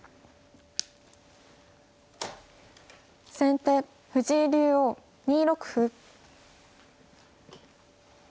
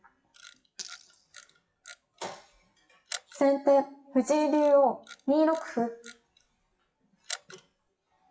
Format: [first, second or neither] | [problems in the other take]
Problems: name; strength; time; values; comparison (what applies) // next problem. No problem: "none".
first | noise reduction (classical method WPE with log-MMSE)